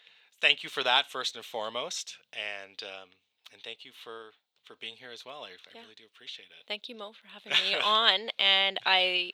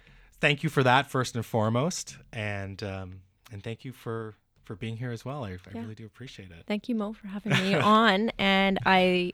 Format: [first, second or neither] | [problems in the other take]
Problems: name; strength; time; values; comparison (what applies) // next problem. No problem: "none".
second | thin; very; fading below 550 Hz